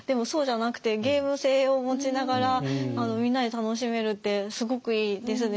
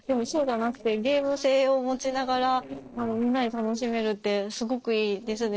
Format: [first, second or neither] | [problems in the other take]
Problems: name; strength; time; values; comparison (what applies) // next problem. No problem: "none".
first | noise reduction (neural separator model SepFormer DNS4)